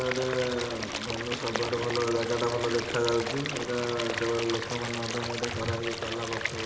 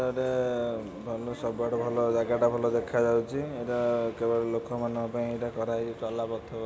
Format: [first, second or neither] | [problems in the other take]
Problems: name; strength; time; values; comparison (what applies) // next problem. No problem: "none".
second | background sound (Stream / Liquid); 4 dB below the speech // room echo; dies away in 0.8 s